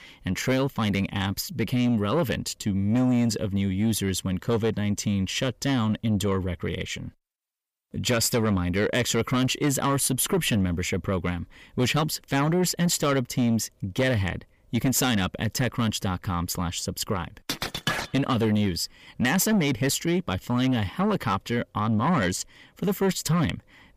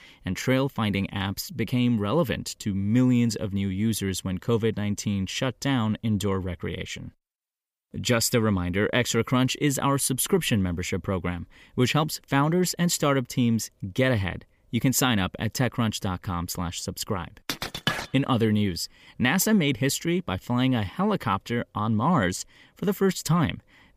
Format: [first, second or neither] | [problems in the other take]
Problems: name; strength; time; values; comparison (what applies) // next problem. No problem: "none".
second | distortion; slight; 10 dB below the speech